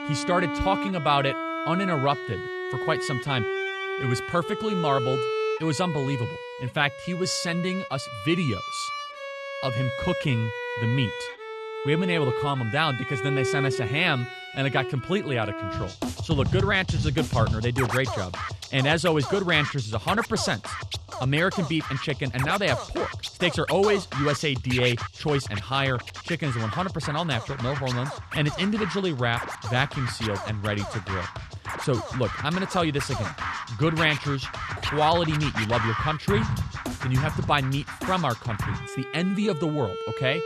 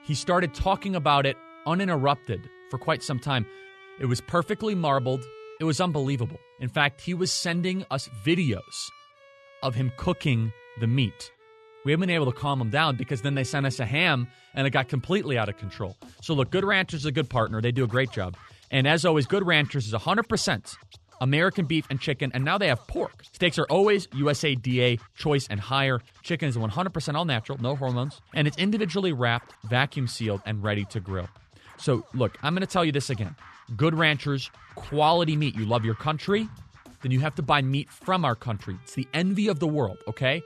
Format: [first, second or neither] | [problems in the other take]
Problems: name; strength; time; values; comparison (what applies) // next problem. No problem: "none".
second | background music; loud; throughout; 5 dB below the speech; faint in the second